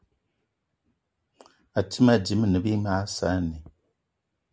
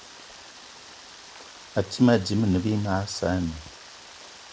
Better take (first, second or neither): first